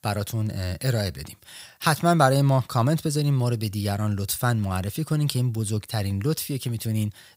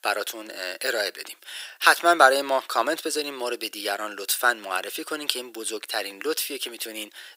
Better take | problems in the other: first | thin; very; fading below 350 Hz

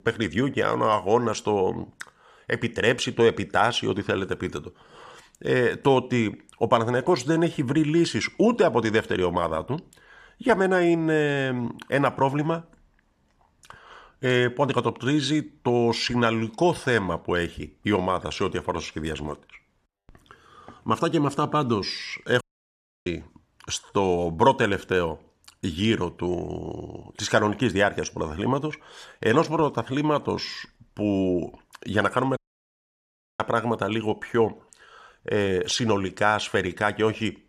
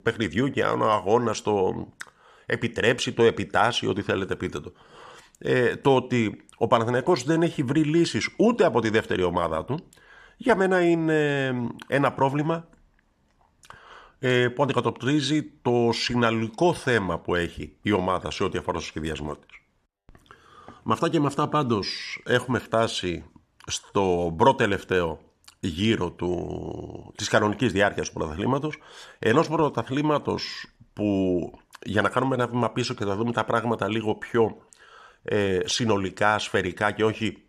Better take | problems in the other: second | audio cutting out; at 22 s for 0.5 s and at 32 s for 1 s

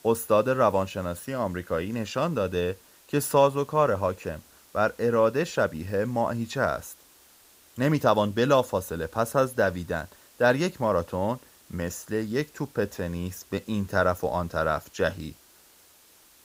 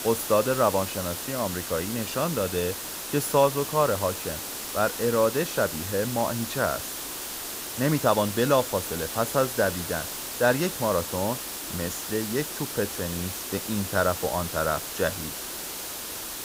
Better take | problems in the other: first | hiss; loud; throughout; 5 dB below the speech; faint in the first

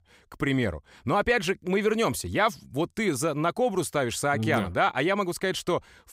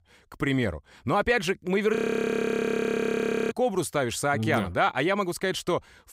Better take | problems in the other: first | audio freezing; at 2 s for 1.5 s

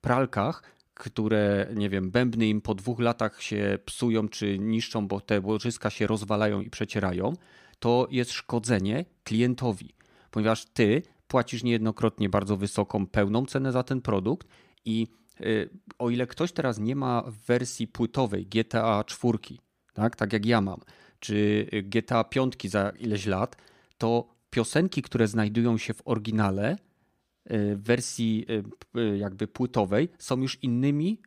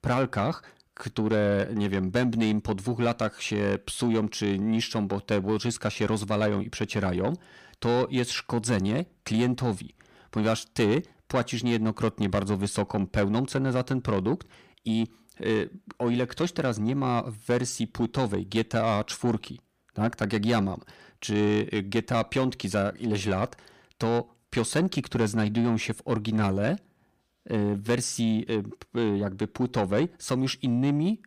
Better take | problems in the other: first | distortion; slight; 10 dB below the speech

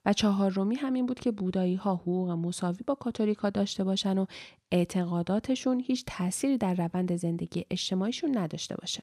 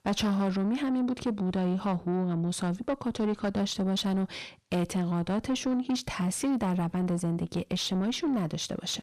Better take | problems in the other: first | distortion; slight; 9 dB below the speech

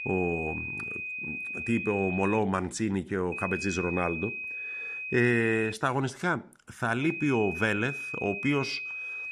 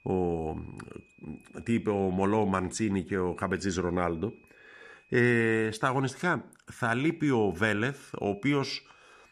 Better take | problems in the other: second | high-pitched whine; loud; until 2.5 s, from 3.5 to 5.5 s and from 7 s on; 2.5 kHz, 5 dB below the speech; faint in the second

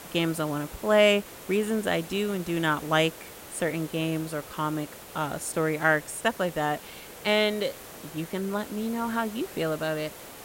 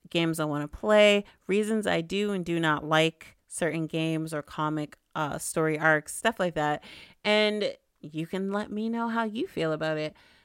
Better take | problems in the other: second | hiss; noticeable; throughout; 15 dB below the speech

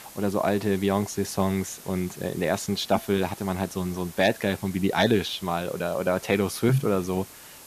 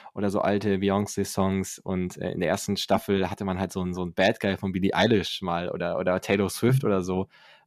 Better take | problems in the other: second | hiss; noticeable; throughout; 15 dB below the speech

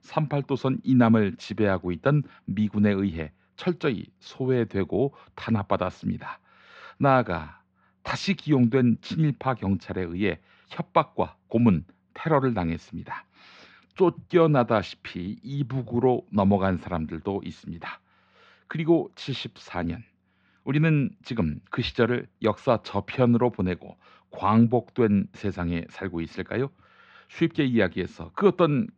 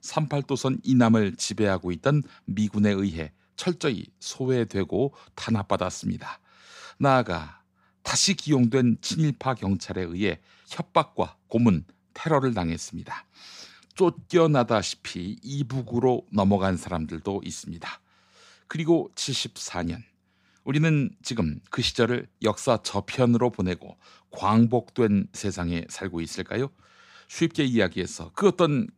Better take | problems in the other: second | muffled; slightly; fading above 3 kHz

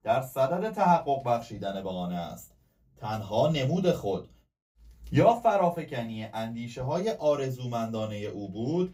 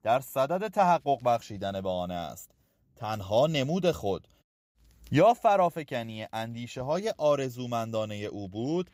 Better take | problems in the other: second | off-mic speech; far // room echo; very slight; dies away in 0.2 s

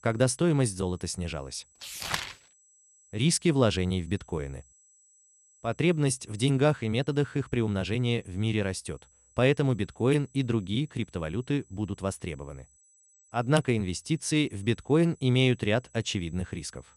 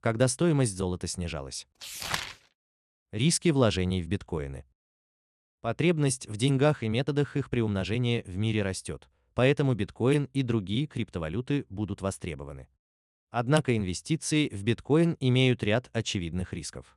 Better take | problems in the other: second | high-pitched whine; faint; throughout; 7.5 kHz, 30 dB below the speech

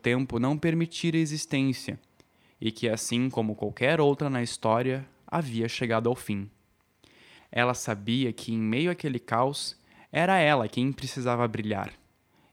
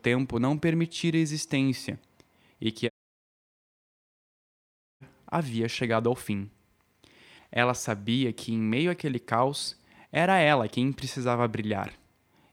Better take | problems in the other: first | audio cutting out; at 3 s for 2 s

